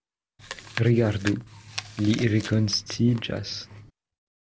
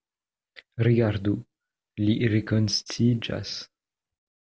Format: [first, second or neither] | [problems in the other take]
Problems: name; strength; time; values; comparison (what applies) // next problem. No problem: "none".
second | background sound (Chewing, mastication); 14 dB below the speech